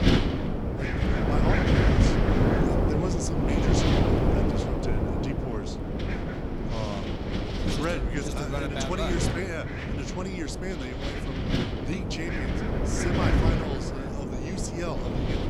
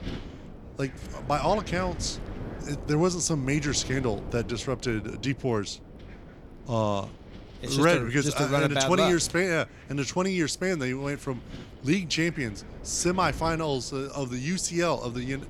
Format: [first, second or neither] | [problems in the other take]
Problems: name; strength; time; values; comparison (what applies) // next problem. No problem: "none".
second | wind noise on the microphone; heavy; 4 dB above the speech; occasional gusts in the second